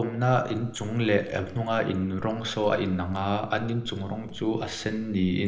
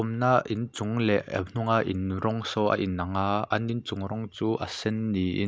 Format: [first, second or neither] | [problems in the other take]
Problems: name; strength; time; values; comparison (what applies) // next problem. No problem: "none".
second | noise reduction (neural separator model SepFormer DNS4)